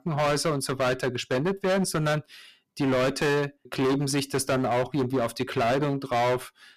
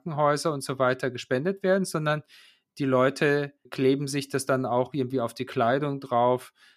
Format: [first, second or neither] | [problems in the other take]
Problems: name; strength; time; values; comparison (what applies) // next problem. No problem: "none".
second | distortion; heavy; 20% of the sound clipped